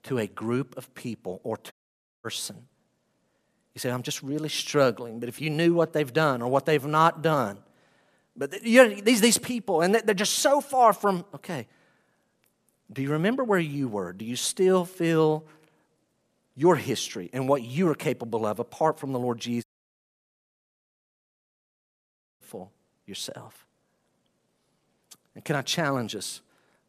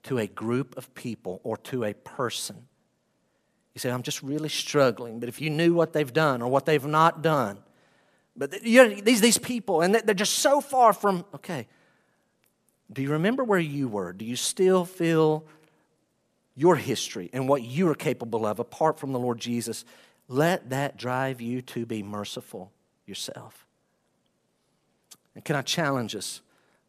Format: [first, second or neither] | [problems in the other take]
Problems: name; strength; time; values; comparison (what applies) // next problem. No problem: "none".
second | audio cutting out; at 1.5 s for 0.5 s and at 20 s for 3 s